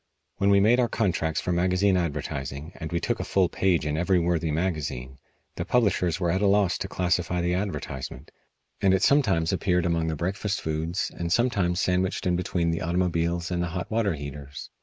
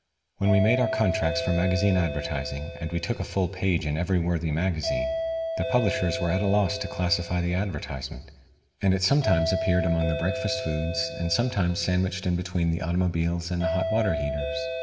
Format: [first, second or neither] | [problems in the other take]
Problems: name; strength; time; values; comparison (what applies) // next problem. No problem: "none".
first | background sound (Doorbell); 7 dB below the speech // room echo; dies away in 1.1 s